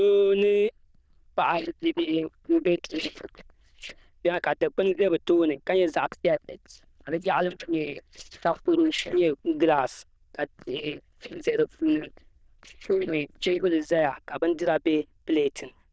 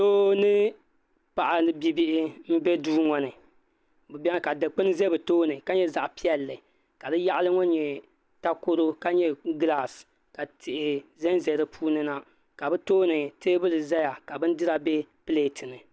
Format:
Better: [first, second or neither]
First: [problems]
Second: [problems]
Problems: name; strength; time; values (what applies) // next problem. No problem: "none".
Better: second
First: noise reduction (neural diffusion model UNIVERSE++)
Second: none